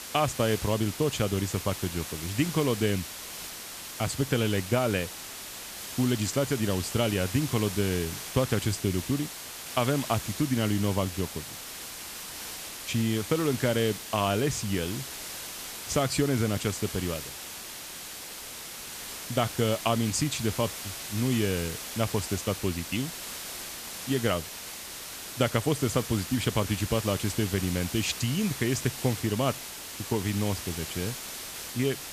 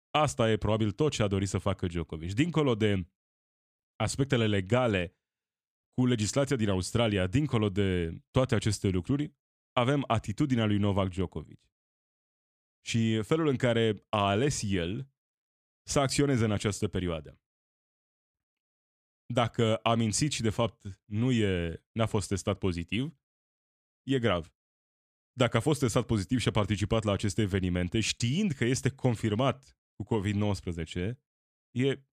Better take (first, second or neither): second